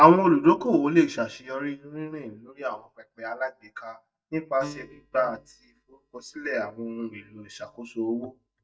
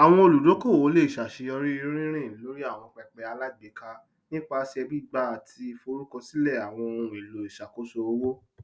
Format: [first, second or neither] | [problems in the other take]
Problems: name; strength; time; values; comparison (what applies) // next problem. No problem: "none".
second | noise reduction (neural mask model DeepFilterNet 3)